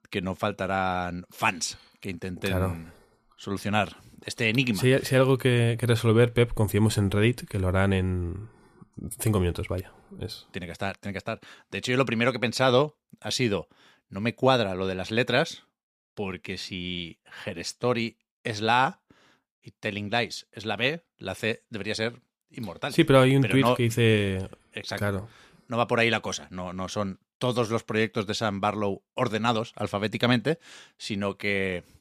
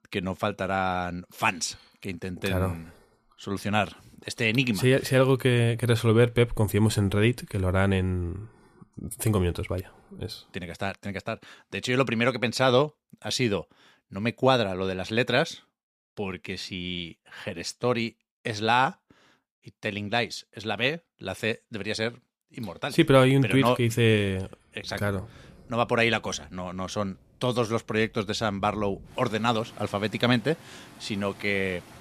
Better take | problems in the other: first | rain or running water; faint; from 25 s on; 25 dB below the speech

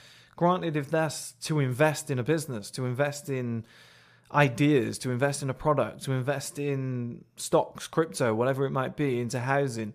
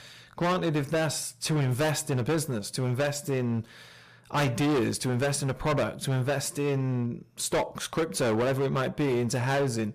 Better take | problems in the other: first | distortion; heavy; 16% of the sound clipped

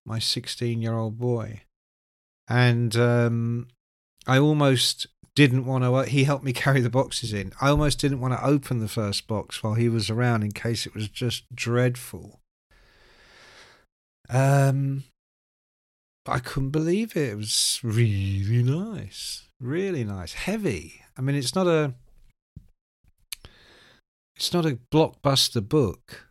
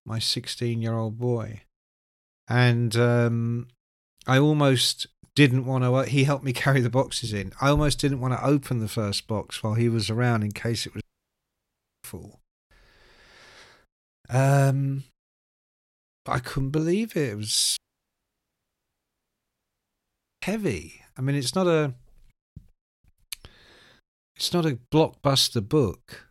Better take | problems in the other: first | audio cutting out; at 11 s for 1 s and at 18 s for 2.5 s

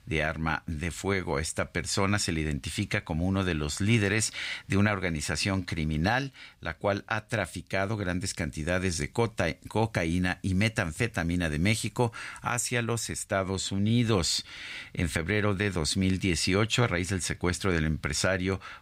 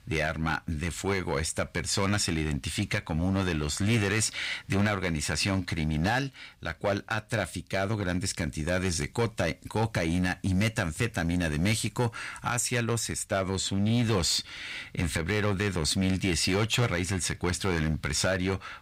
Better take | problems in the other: first | distortion; slight; 6% of the sound clipped

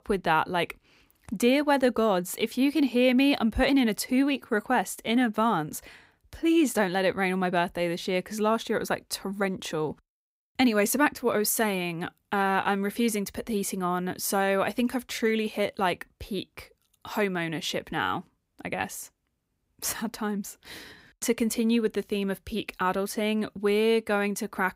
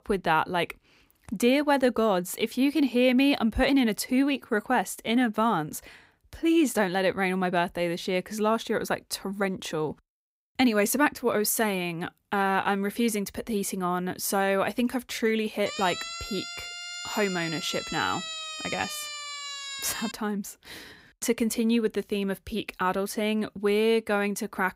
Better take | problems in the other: first | siren; noticeable; from 16 to 20 s; peak 7 dB below the speech

